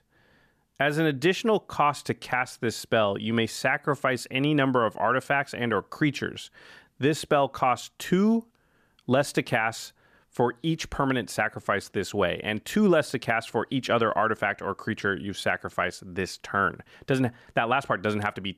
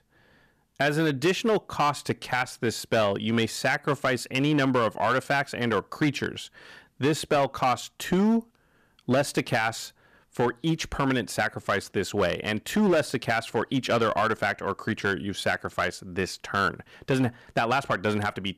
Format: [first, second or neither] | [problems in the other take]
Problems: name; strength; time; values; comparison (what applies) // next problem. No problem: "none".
first | distortion; slight; 6% of the sound clipped